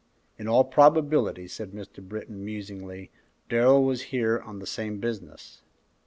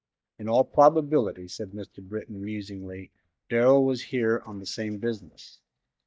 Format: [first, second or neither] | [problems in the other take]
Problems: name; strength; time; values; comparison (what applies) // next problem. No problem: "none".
first | noise reduction (neural mask model DeepFilterNet 3)